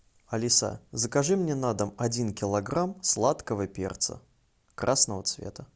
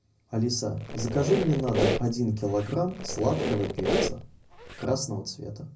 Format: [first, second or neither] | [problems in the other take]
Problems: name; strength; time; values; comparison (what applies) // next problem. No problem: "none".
first | background sound (Squeak); 2 dB below the speech // room echo; dies away in 0.4 s